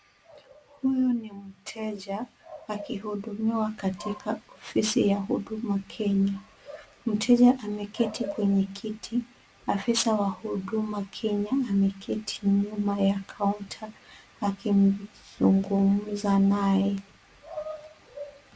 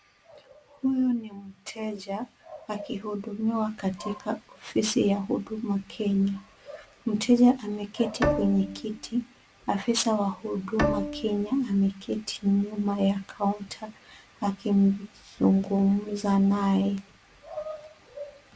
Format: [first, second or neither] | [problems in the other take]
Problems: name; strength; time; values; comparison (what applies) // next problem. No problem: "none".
first | background sound (Bowed string instrument); 5 dB below the speech